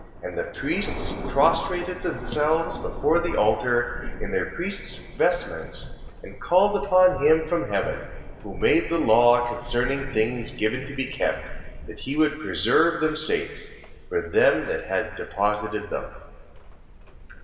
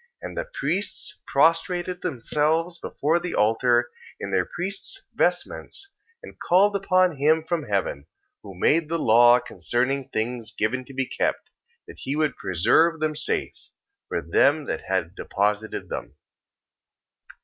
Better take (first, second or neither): second